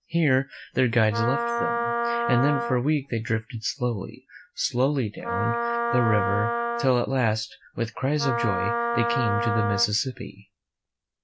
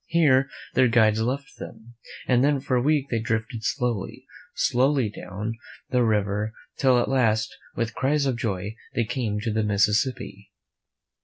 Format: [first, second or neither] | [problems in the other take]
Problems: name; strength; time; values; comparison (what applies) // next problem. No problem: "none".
second | background sound (Wind instrument, woodwind instrument); 2 dB below the speech